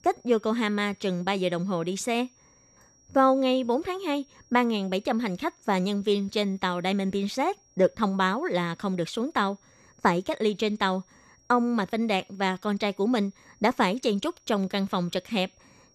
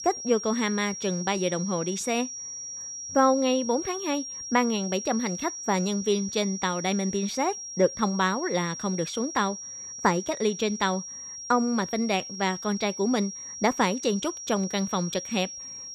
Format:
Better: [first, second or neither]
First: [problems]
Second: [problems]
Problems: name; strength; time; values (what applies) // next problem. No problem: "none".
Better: first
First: high-pitched whine; faint; throughout; 5.5 kHz, 30 dB below the speech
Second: high-pitched whine; loud; throughout; 5.5 kHz, 8 dB below the speech